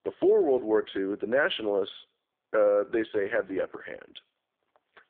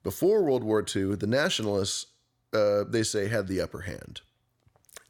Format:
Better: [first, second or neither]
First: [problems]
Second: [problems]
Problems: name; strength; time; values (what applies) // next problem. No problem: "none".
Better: second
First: phone-call audio; poor line; nothing above 3.5 kHz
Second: none